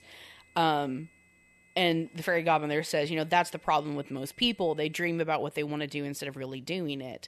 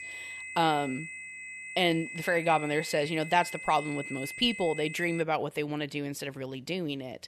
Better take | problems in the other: first | high-pitched whine; loud; until 5 s; 2 kHz, 9 dB below the speech; faint in the first

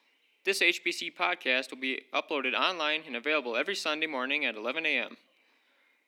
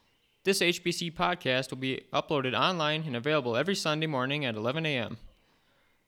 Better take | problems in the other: second | thin; very slightly; fading below 250 Hz

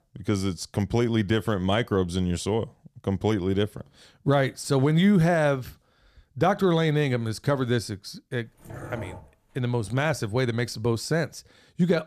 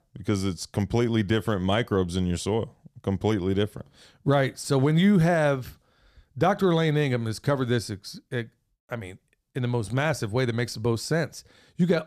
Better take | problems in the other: second | dog barking; faint; from 8.5 to 9.5 s; peak 15 dB below the speech

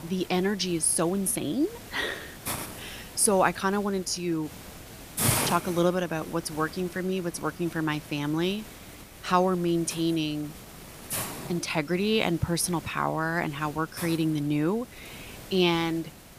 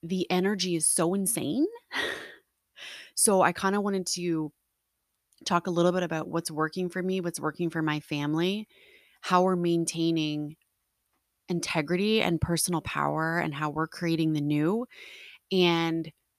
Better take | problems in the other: second | hiss; loud; throughout; 10 dB below the speech

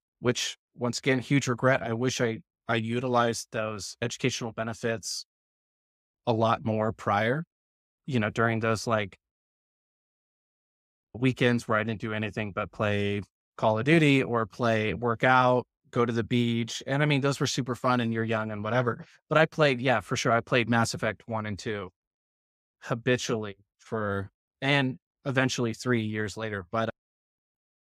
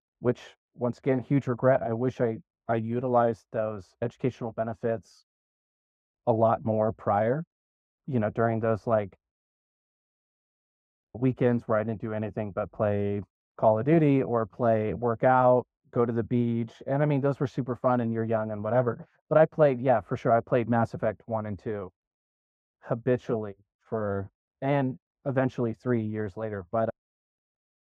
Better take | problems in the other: first | muffled; very; fading above 2 kHz

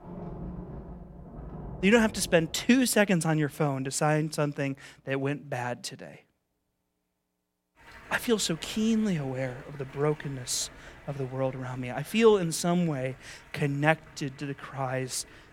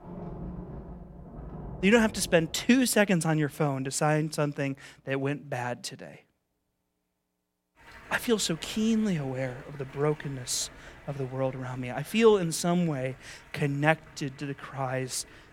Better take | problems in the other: neither | rain or running water; noticeable; throughout; 20 dB below the speech; the same in both

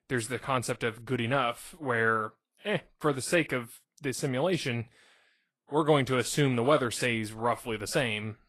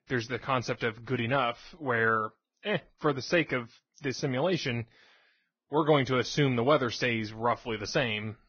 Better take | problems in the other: first | garbled, watery; badly; nothing above 6 kHz; slightly in the first

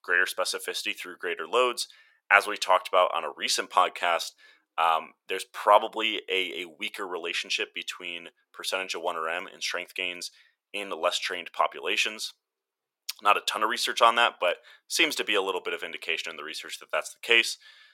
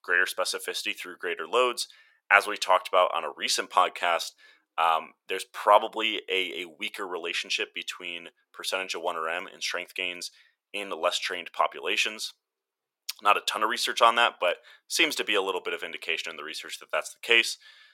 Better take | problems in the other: neither | thin; very; fading below 550 Hz; the same in both

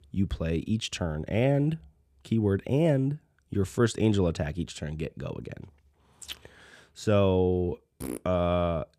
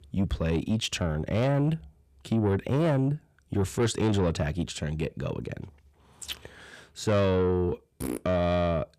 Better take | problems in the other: first | distortion; slight; 10 dB below the speech

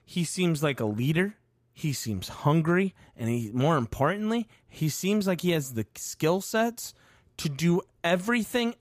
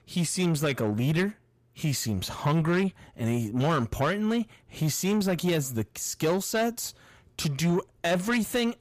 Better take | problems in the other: first | distortion; slight; 10 dB below the speech

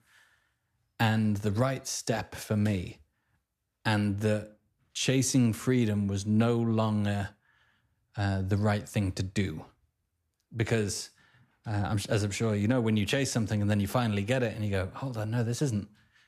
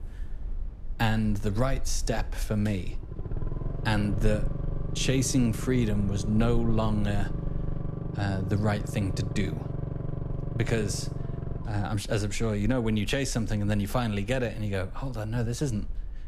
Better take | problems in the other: first | low rumble; noticeable; throughout; 10 dB below the speech

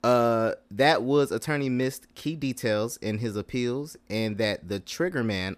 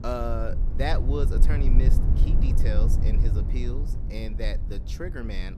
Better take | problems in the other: first | low rumble; loud; throughout; 7 dB below the speech

